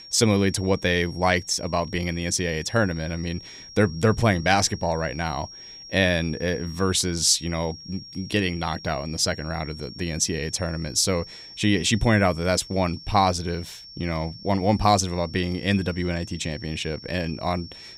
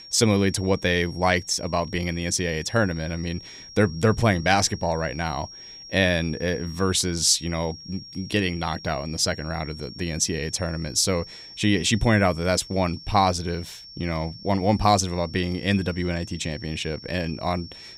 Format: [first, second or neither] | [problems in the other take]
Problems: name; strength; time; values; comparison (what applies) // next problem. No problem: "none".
neither | high-pitched whine; noticeable; throughout; 5.5 kHz, 15 dB below the speech; the same in both